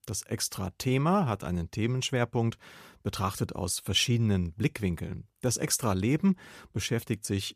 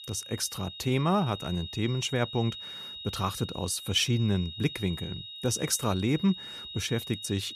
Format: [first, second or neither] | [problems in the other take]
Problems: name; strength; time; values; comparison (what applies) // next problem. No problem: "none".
first | high-pitched whine; noticeable; throughout; 4 kHz, 10 dB below the speech